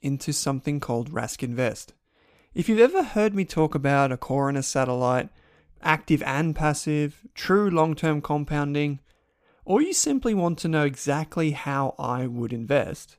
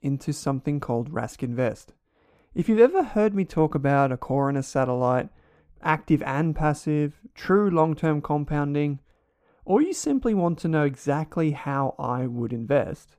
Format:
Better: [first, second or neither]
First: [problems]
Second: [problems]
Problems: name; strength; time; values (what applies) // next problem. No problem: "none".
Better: first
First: none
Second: muffled; slightly; fading above 2 kHz